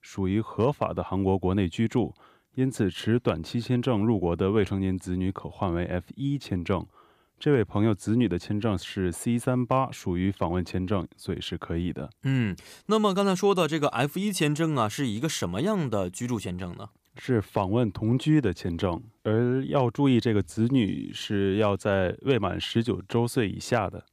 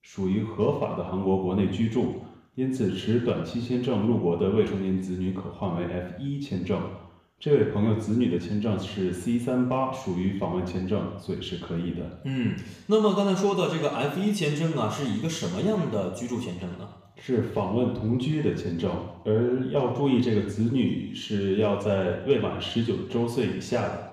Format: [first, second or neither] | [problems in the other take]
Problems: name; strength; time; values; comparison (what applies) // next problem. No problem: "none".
first | room echo; noticeable; dies away in 0.9 s // off-mic speech; somewhat distant